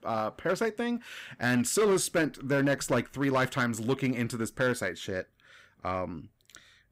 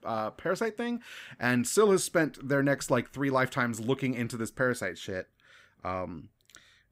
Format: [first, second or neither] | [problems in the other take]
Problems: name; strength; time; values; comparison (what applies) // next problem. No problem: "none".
second | distortion; slight; 5% of the sound clipped